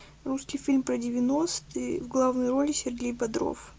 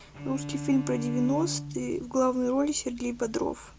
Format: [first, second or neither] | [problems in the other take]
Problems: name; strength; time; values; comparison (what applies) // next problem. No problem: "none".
first | background sound (Bowed string instrument); 10 dB below the speech